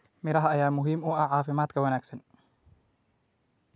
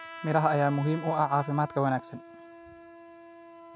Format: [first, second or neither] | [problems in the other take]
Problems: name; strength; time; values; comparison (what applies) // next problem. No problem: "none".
first | background sound (Trumpet); 16 dB below the speech